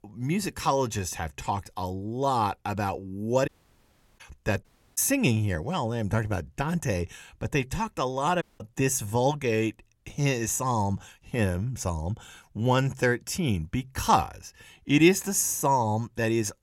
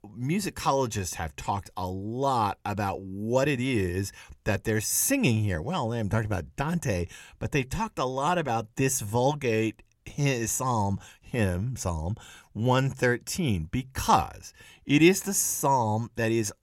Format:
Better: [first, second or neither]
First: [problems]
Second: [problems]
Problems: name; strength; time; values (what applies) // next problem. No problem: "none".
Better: second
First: audio cutting out; at 3.5 s for 0.5 s, at 4.5 s and at 8.5 s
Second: none